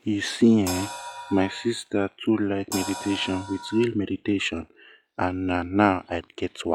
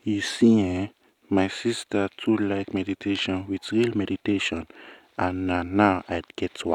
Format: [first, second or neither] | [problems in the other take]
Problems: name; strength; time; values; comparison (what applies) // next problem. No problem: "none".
second | noise reduction (classical method log-MMSE)